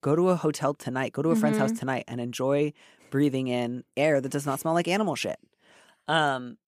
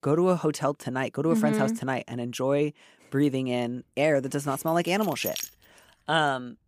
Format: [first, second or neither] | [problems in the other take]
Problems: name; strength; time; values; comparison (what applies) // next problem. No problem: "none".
first | jangling keys; noticeable; at 4.5 s; peak 6 dB below the speech